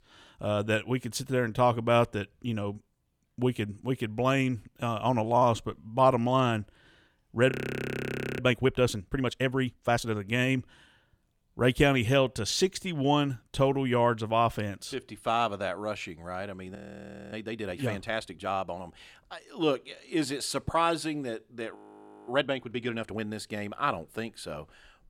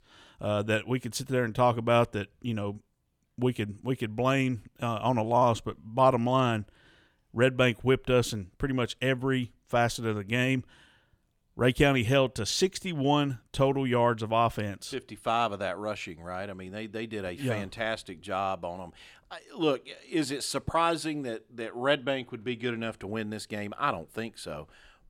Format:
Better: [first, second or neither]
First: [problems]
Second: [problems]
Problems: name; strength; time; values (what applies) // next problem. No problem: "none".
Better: second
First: audio freezing; at 7.5 s for 1 s, at 17 s for 0.5 s and at 22 s for 0.5 s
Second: none